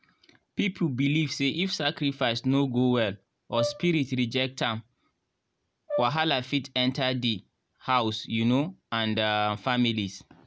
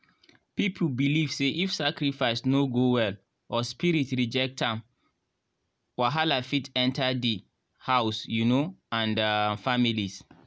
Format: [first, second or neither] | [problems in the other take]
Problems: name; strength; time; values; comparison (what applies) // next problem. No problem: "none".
second | background sound (Brass instrument); 9 dB below the speech